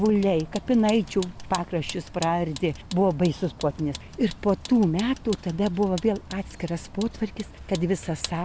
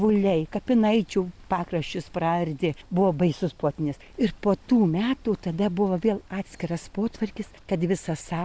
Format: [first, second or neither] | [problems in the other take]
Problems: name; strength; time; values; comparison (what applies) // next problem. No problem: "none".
second | background sound (Vehicle); 16 dB below the speech